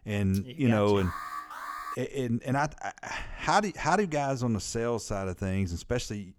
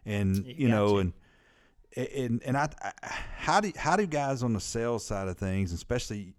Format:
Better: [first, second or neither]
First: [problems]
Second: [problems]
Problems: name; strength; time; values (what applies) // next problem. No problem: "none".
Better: second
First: alarm; noticeable; from 1 to 2 s; peak 8 dB below the speech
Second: none